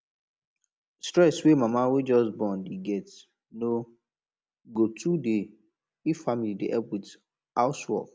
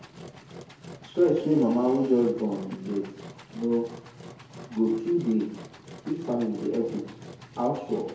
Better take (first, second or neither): first